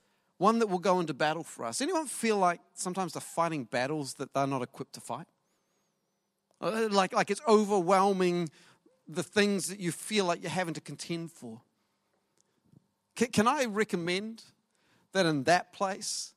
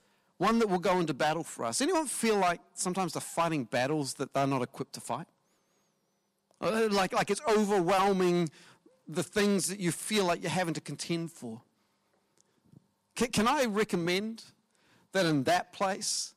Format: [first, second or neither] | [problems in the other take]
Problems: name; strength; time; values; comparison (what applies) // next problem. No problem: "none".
first | distortion; heavy; 6% of the sound clipped